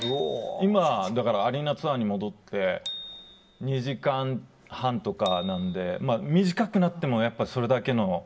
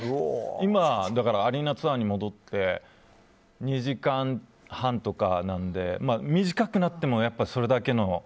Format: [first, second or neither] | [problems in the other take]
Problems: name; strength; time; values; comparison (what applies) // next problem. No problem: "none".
second | background sound (Bicycle bell); 17 dB below the speech // room echo; dies away in 0.3 s